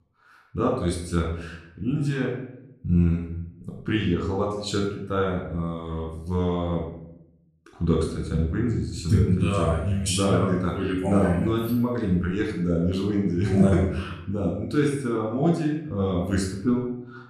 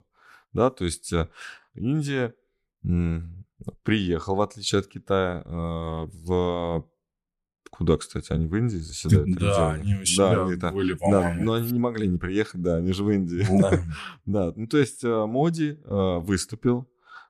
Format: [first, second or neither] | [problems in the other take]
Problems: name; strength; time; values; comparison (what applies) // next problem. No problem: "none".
second | off-mic speech; somewhat distant // room echo; noticeable; dies away in 0.7 s